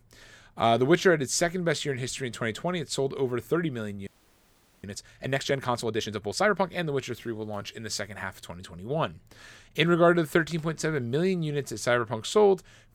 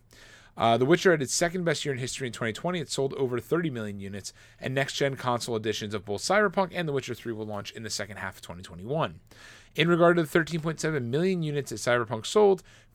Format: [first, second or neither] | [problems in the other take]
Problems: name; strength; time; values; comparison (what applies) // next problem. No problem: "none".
second | audio freezing; at 4 s for 1 s